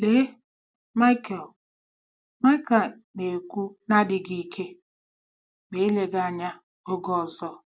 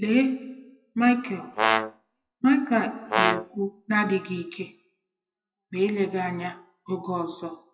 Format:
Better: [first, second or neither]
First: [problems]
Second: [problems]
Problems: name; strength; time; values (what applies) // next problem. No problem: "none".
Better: first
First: none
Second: noise reduction (classical method WPE with log-MMSE)